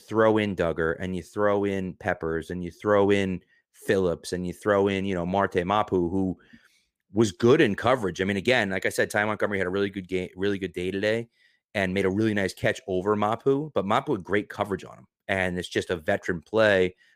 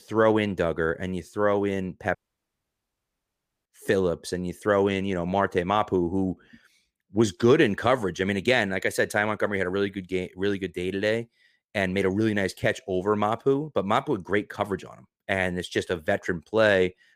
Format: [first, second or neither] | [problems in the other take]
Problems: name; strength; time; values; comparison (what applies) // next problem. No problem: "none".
first | audio cutting out; at 2 s for 1.5 s